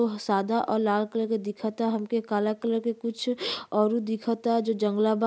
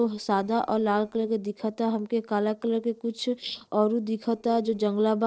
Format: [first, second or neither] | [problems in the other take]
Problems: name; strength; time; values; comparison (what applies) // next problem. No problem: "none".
first | noise reduction (neural separator model SepFormer DNS4)